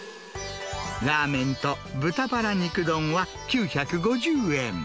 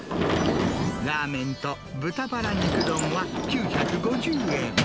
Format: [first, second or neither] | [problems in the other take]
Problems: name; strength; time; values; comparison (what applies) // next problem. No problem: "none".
first | background sound (Sliding door / Slam); 1 dB above the speech